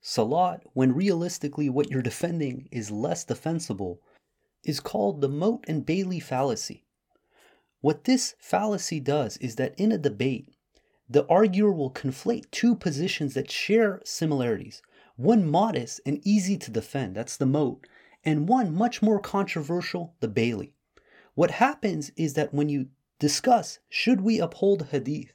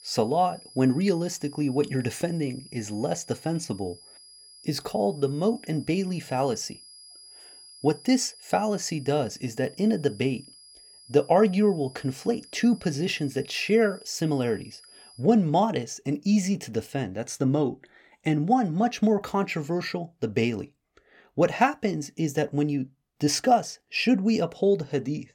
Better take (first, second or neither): first